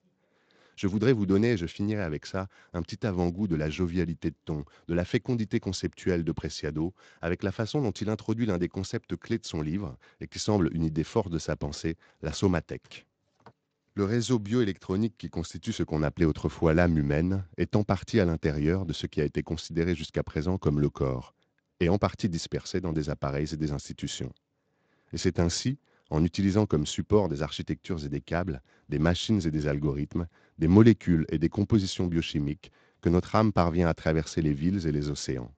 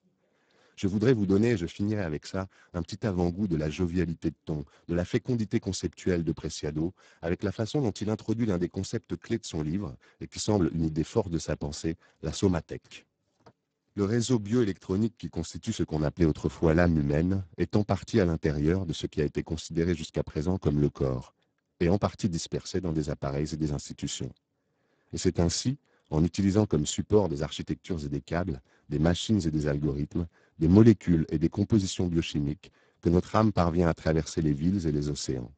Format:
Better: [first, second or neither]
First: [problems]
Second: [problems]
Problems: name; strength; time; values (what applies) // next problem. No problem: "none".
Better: first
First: garbled, watery; slightly; nothing above 7.5 kHz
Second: garbled, watery; badly; nothing above 7.5 kHz